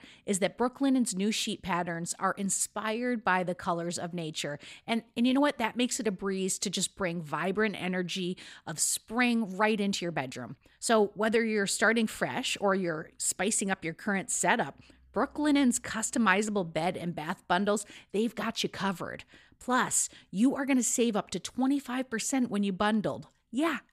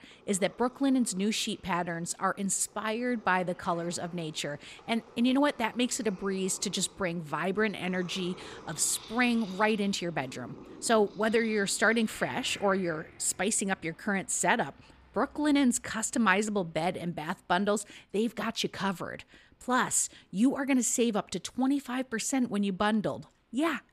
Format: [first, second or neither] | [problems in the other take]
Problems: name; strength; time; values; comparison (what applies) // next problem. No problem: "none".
first | animal sounds; faint; throughout; 20 dB below the speech